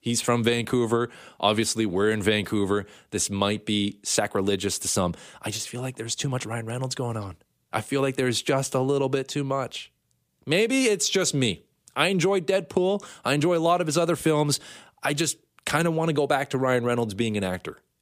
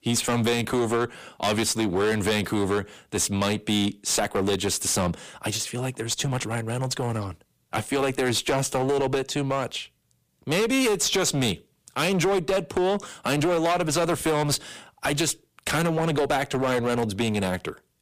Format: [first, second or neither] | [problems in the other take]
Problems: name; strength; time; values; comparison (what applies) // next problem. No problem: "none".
first | distortion; heavy; 15% of the sound clipped